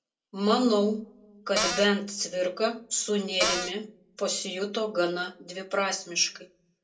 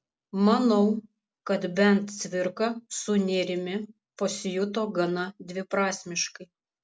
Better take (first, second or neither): second